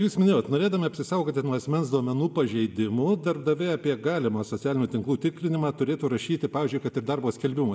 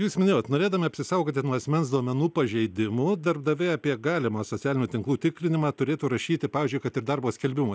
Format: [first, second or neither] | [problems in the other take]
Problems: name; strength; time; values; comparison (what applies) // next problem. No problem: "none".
second | room echo; dies away in 0.7 s